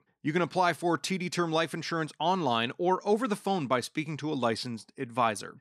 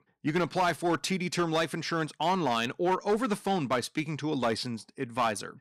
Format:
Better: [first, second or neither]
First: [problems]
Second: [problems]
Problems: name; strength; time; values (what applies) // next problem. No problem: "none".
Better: first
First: none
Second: distortion; slight; 5% of the sound clipped